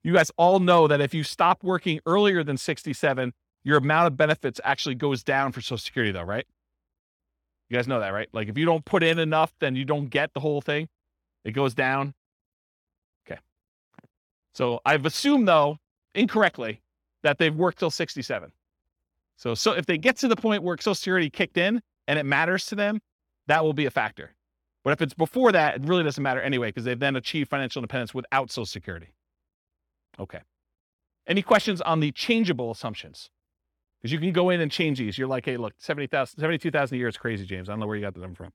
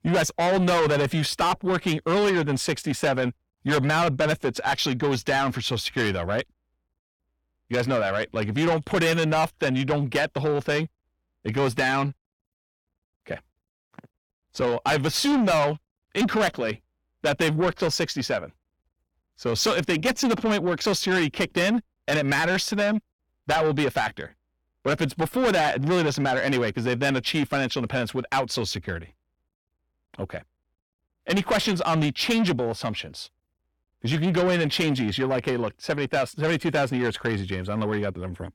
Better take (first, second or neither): first